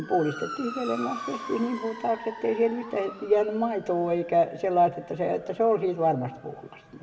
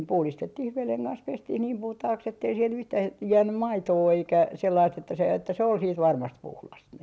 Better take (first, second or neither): second